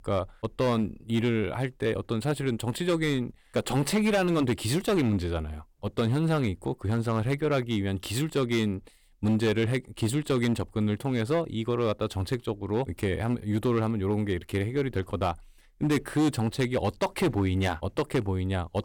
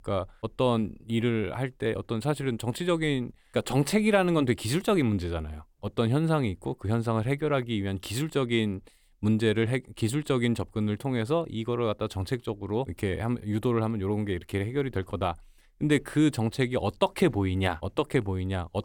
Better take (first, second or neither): second